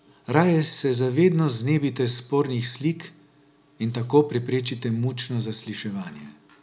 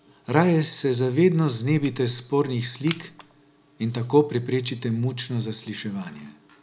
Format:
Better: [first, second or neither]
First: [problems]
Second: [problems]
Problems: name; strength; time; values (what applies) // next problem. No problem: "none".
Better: first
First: none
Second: background sound (Crushing); 19 dB below the speech